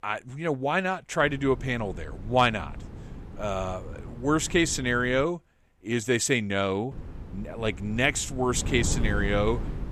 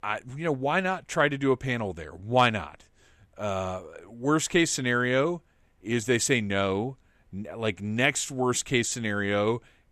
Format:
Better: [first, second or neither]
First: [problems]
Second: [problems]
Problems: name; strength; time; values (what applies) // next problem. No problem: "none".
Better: second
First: wind noise on the microphone; occasional gusts; from 1 to 5 s and from 7 s on; 20 dB below the speech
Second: none